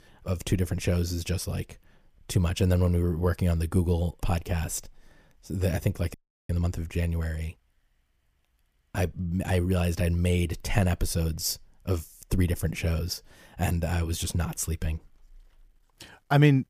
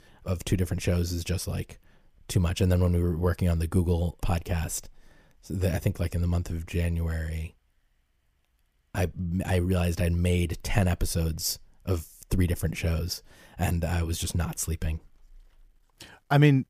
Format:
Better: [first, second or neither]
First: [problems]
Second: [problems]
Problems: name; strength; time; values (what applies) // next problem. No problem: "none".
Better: second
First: audio freezing; at 6 s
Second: none